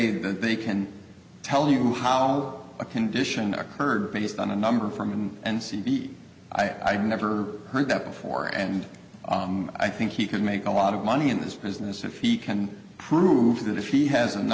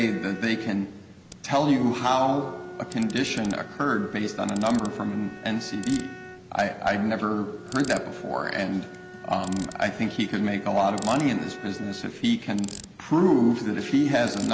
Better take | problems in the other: first | background sound (Bowed string instrument + Ratchet, pawl); 16 dB below the speech

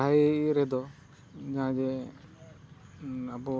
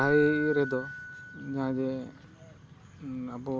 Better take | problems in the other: first | background sound (Keyboard (musical)); 9 dB below the speech

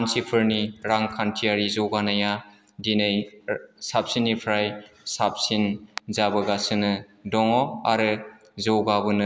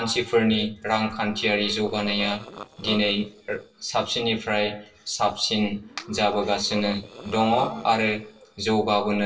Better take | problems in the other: first | noise reduction (neural separator model SepFormer DNS4)

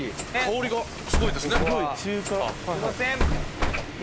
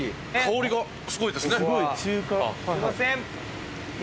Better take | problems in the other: second | background sound (Bus); as loud as the speech

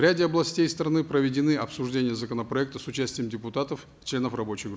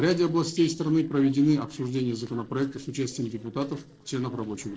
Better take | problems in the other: first | noise reduction (neural separator model SepFormer DNS4)

